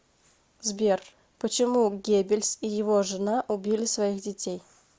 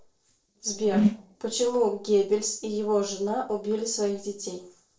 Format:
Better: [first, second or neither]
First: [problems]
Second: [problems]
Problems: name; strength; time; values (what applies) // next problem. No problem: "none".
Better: first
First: none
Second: noise reduction (neural separator model SepFormer DNS4)